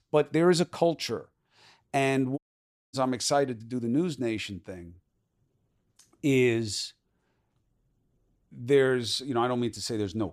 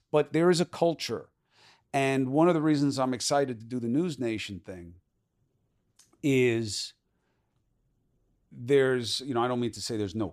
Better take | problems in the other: second | audio cutting out; at 2.5 s for 0.5 s

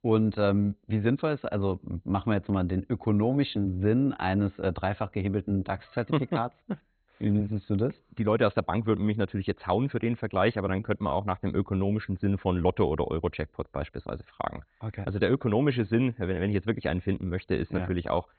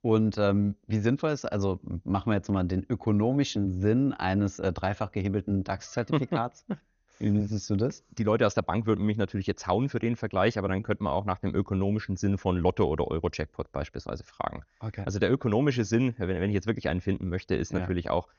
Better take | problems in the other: second | garbled, watery; badly; nothing above 4 kHz; slightly in the second

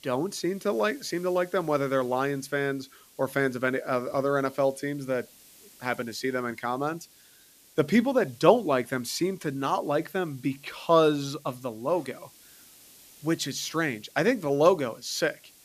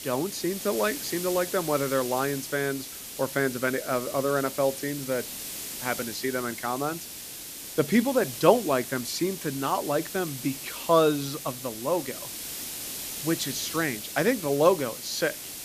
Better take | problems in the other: first | hiss; loud; throughout; 8 dB below the speech; faint in the first

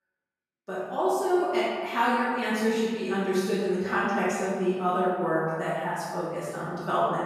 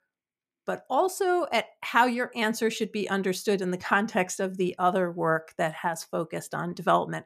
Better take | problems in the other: second | off-mic speech; far // room echo; strong; dies away in 1.5 s

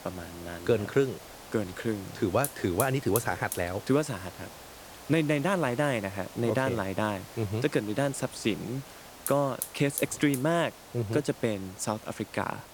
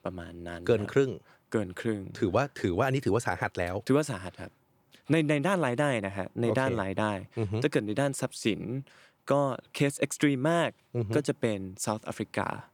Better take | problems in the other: second | hiss; noticeable; throughout; 10 dB below the speech

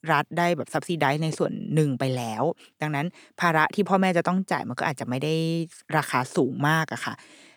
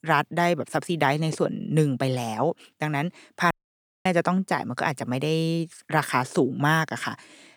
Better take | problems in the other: first | audio cutting out; at 3.5 s for 0.5 s

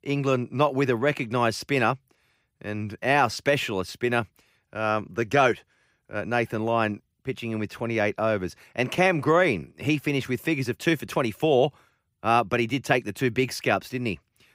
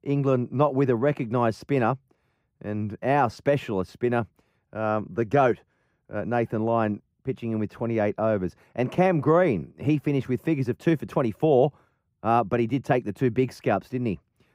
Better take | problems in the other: first | muffled; slightly; fading above 1.5 kHz

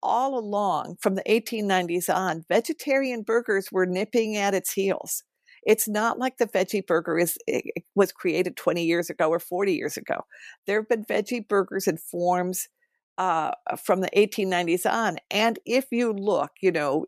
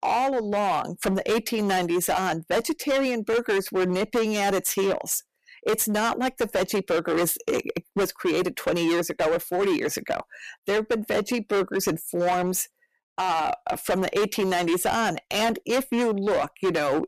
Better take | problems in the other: first | distortion; heavy; 17% of the sound clipped

